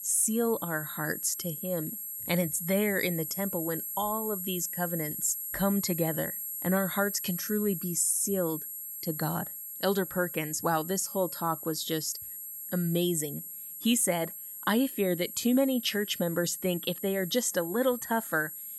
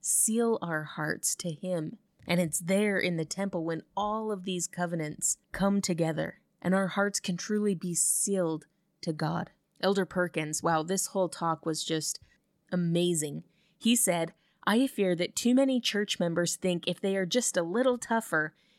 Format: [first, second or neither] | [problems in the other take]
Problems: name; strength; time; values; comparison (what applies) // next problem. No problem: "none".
second | high-pitched whine; loud; throughout; 11.5 kHz, 6 dB below the speech